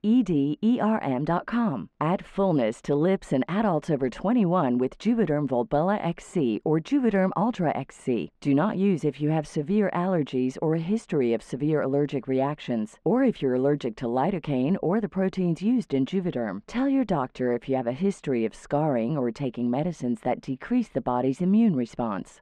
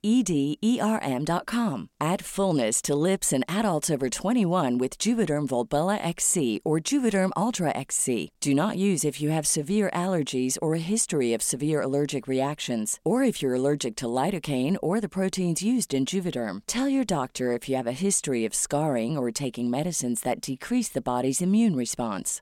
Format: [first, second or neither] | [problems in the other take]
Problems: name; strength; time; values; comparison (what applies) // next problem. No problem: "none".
second | muffled; very; fading above 2 kHz